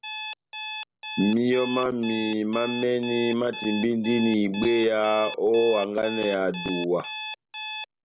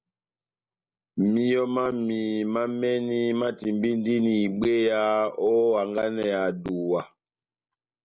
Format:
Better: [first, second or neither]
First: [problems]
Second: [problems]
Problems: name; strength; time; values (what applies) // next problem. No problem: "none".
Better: second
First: background sound (Alarm); 11 dB below the speech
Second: none